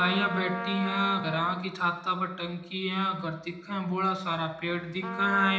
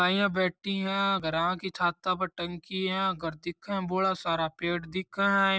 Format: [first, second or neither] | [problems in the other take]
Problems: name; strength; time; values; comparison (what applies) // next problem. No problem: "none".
second | background sound (Trumpet); 11 dB below the speech // room echo; dies away in 0.9 s